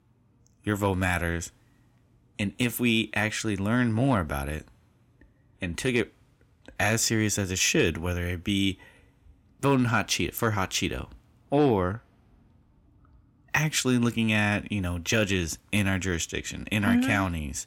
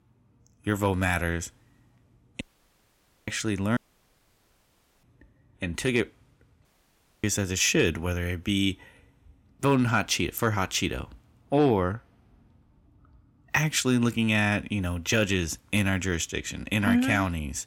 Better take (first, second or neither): first